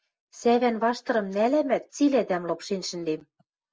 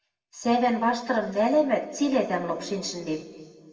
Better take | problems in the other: first | room echo; dies away in 1.5 s

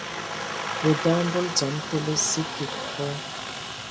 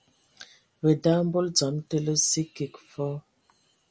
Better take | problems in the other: second | background sound (Aircraft); 4 dB below the speech

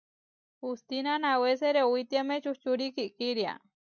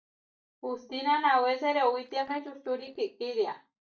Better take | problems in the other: first | noise reduction (neural mask model DeepFilterNet 3)

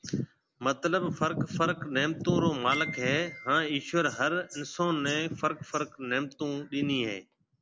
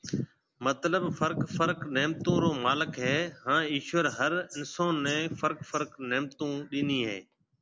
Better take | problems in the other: second | background sound (Glockenspiel); 14 dB below the speech

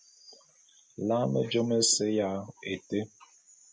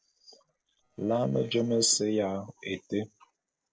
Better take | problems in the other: first | noise reduction (neural separator model SepFormer DNS4)

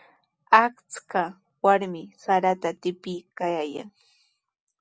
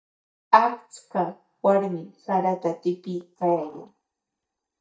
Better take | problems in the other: first | noise reduction (neural mask model DeepFilterNet 3)

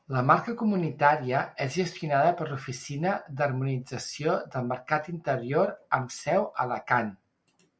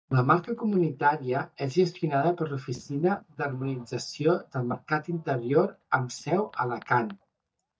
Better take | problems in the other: first | noise reduction (neural mask model DeepFilterNet 3)

